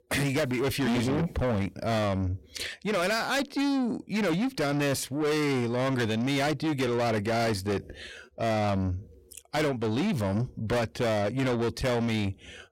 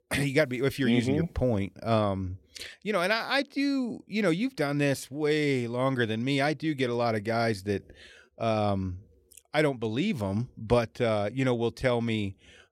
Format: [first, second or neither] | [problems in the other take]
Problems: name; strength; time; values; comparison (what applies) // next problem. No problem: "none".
second | distortion; heavy; 7 dB below the speech